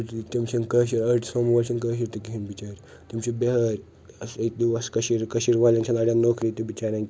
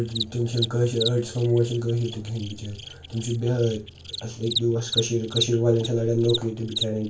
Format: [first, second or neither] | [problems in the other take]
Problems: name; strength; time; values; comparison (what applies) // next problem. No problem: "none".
first | background sound (Cricket); 9 dB below the speech // room echo; dies away in 0.3 s